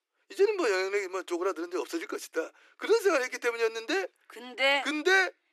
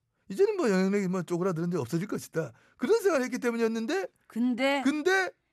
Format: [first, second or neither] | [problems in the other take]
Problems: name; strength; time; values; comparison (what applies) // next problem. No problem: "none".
second | thin; very; fading below 300 Hz